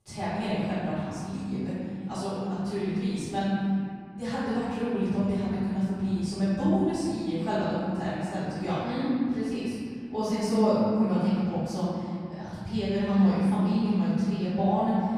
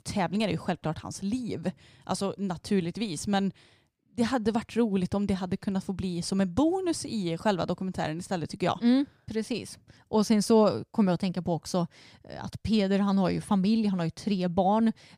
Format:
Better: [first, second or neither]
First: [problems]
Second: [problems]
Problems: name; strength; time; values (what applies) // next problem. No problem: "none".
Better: second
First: off-mic speech; far // room echo; strong; dies away in 2.5 s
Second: none